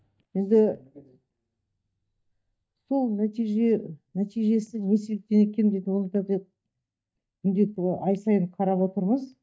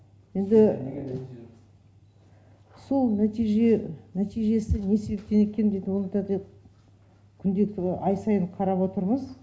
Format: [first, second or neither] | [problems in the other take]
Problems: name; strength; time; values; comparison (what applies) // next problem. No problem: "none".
second | noise reduction (neural mask model DeepFilterNet 3)